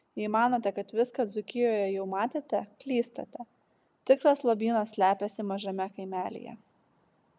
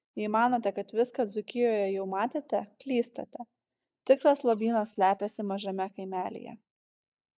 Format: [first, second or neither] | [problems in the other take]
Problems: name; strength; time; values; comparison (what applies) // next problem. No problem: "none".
first | noise reduction (neural mask model DeepFilterNet 3)